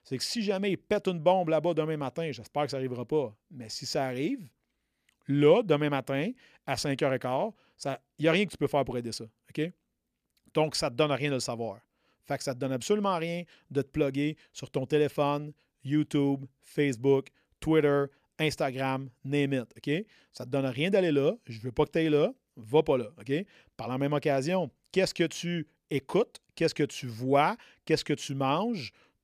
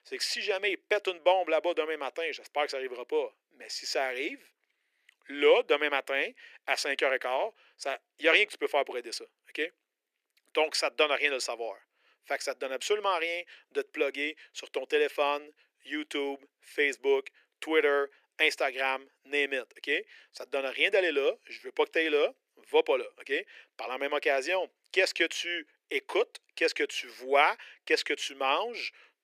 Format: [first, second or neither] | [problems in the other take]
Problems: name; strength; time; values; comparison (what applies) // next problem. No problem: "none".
first | thin; very; fading below 350 Hz